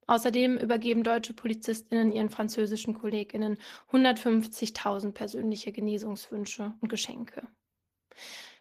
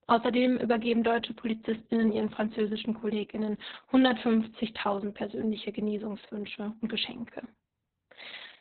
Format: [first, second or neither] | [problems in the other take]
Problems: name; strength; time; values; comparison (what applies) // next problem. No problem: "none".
first | garbled, watery; badly; nothing above 4 kHz; slightly in the first